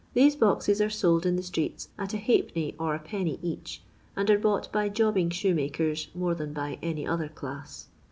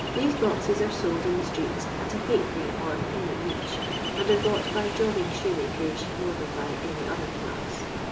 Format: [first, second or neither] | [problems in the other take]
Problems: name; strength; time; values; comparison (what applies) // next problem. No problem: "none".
first | background sound (Ocean); 1 dB below the speech // room echo; dies away in 0.6 s